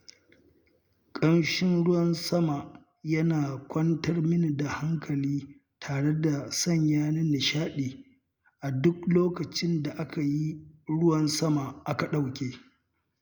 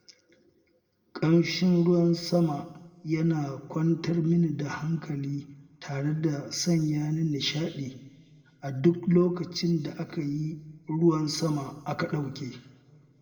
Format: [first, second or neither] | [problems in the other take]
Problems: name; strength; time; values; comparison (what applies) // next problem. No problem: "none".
first | room echo; dies away in 1.2 s